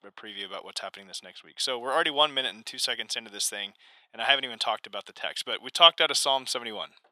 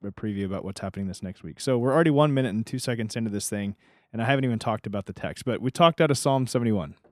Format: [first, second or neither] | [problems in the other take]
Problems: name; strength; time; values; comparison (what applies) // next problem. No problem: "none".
second | thin; very; fading below 850 Hz